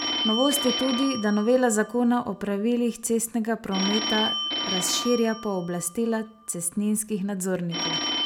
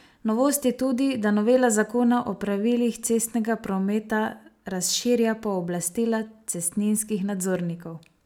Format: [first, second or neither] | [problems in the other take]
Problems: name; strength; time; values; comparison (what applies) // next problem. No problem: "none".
second | background sound (Telephone); 6 dB below the speech